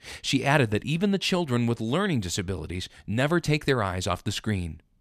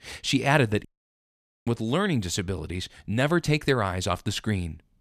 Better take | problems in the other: first | audio cutting out; at 1 s for 1 s

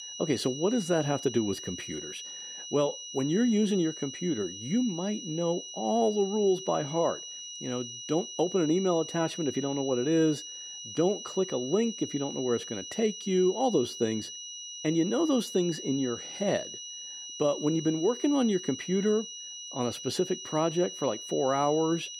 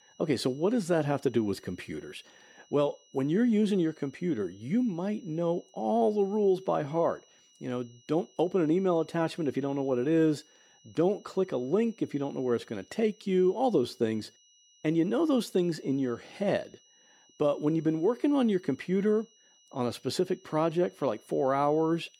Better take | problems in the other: second | high-pitched whine; loud; throughout; 3 kHz, 10 dB below the speech; faint in the second

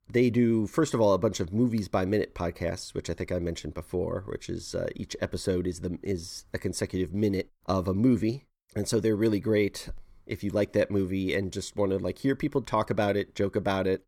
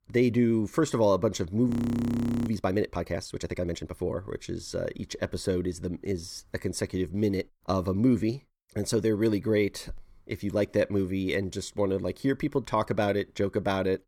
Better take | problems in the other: first | audio freezing; at 1.5 s for 1 s

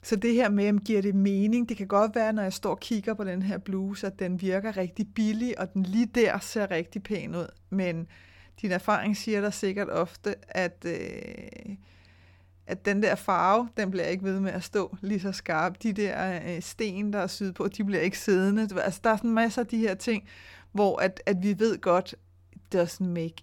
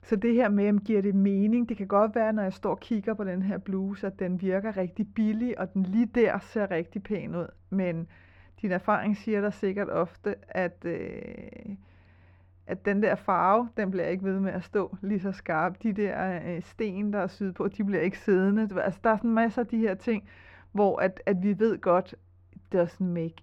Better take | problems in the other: first | muffled; very; fading above 3.5 kHz

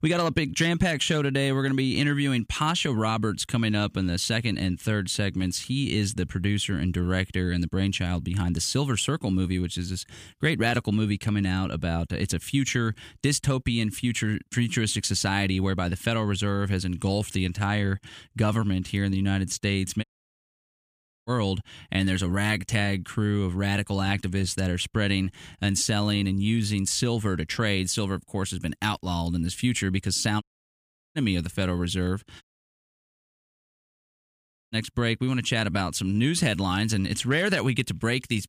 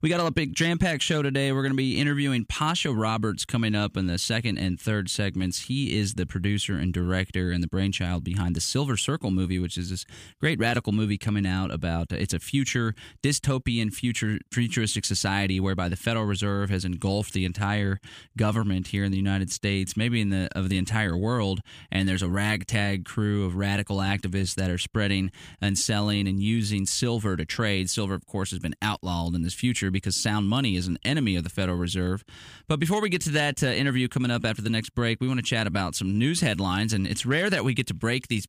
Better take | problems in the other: second | audio cutting out; at 20 s for 1 s, at 30 s for 0.5 s and at 32 s for 2.5 s

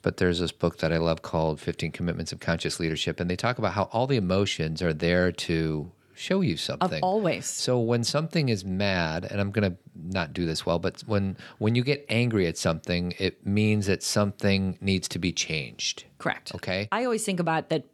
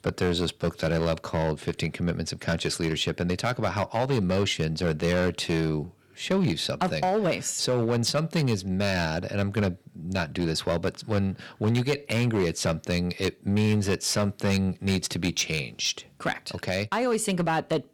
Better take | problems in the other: first | distortion; slight; 6% of the sound clipped

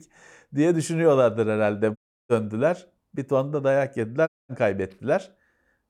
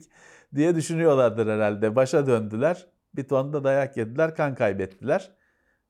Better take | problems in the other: second | audio cutting out; at 2 s and at 4.5 s

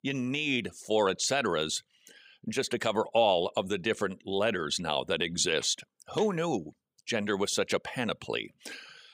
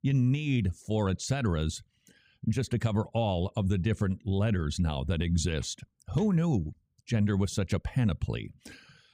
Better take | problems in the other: second | thin; very; fading below 450 Hz

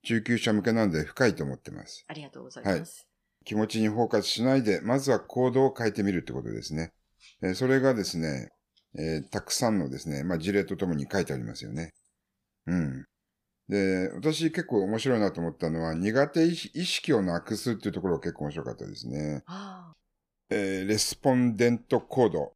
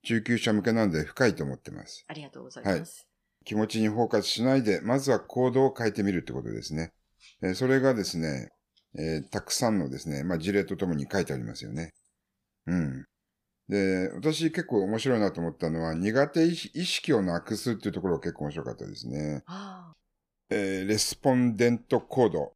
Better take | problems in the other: neither | none

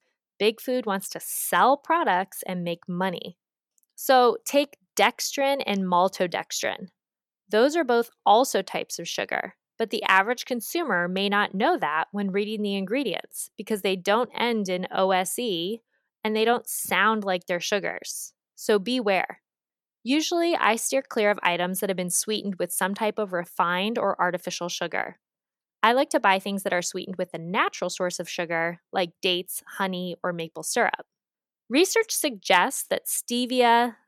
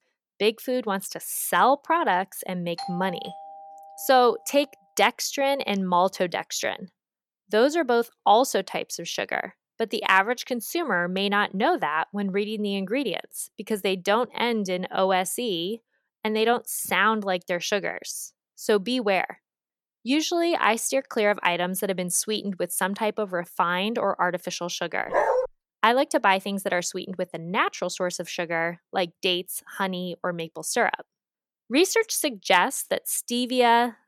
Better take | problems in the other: first | doorbell; faint; from 3 to 4.5 s; peak 10 dB below the speech // dog barking; loud; at 25 s; peak 2 dB above the speech

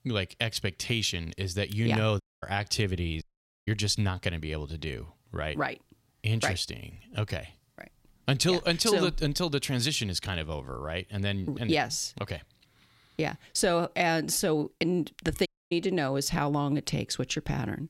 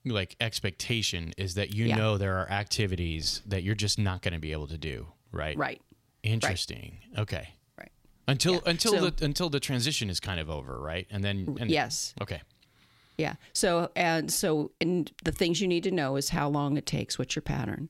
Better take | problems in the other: second | audio cutting out; at 2 s, at 3 s and at 15 s

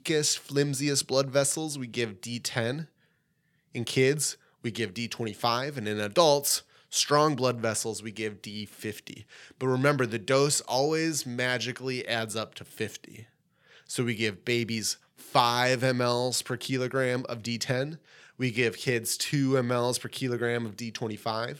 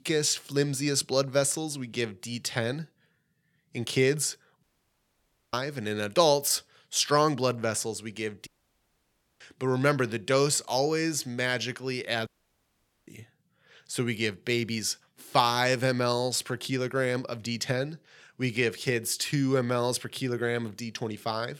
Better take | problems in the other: first | audio cutting out; at 4.5 s for 1 s, at 8.5 s for 1 s and at 12 s for 1 s

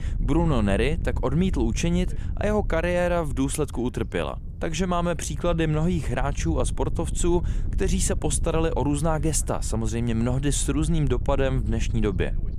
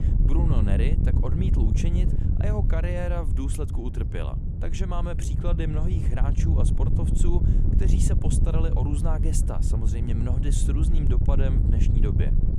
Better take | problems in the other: first | wind noise on the microphone; heavy; 2 dB below the speech; occasional gusts in the first

